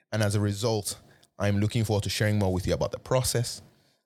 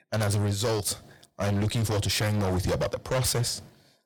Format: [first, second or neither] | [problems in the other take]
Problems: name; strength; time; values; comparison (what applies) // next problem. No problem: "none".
first | distortion; heavy; 22% of the sound clipped